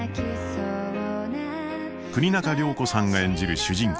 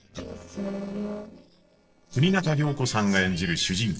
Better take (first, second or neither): first